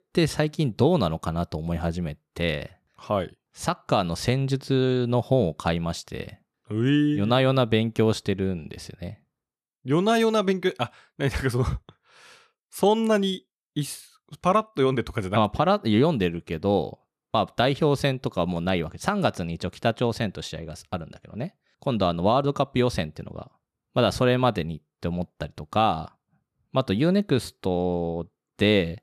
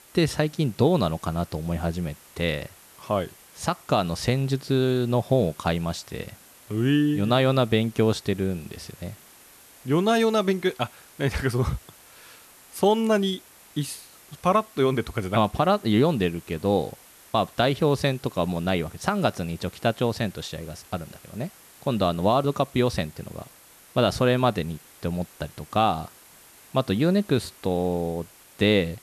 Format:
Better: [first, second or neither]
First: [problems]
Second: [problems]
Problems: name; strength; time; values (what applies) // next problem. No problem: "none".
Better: first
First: none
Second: hiss; faint; throughout; 25 dB below the speech